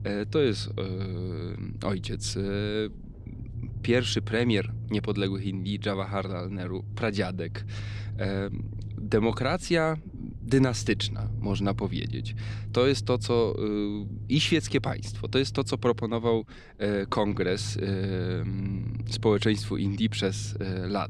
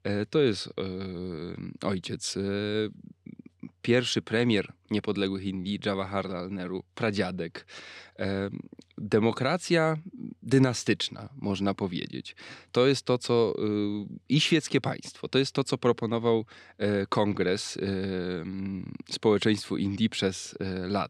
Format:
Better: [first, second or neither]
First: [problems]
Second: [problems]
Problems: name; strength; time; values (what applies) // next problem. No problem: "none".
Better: second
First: low rumble; noticeable; throughout; 20 dB below the speech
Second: none